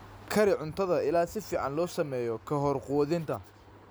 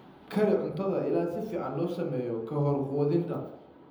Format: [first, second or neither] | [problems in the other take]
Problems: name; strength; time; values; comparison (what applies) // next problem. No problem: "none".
first | room echo; dies away in 0.8 s